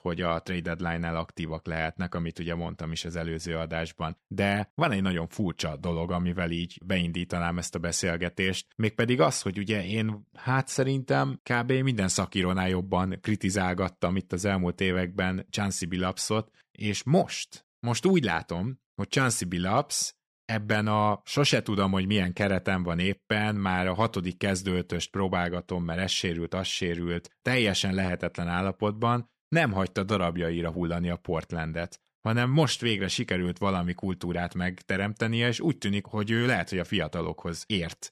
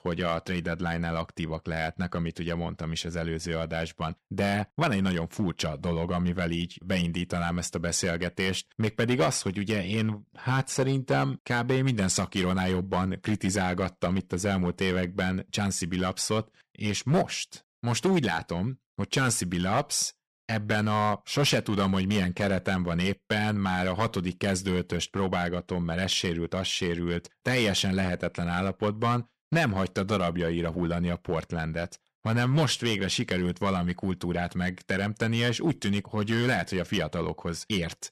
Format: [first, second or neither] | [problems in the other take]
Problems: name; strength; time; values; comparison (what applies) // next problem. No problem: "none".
first | distortion; slight; 3% of the sound clipped